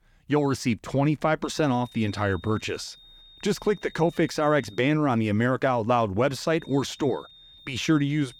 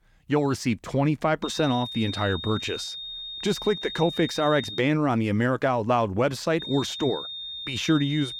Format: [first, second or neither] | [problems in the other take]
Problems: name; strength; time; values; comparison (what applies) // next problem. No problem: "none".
first | high-pitched whine; loud; from 1.5 to 5 s and from 6.5 s on; 3.5 kHz, 8 dB below the speech; faint in the first